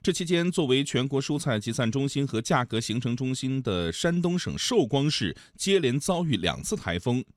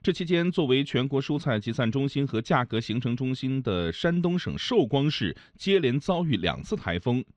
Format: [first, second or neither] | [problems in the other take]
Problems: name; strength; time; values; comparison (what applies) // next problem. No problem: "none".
first | muffled; slightly; fading above 3.5 kHz